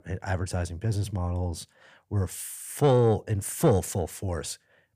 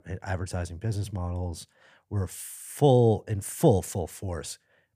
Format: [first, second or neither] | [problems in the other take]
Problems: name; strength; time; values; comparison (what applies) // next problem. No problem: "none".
second | distortion; slight; 10 dB below the speech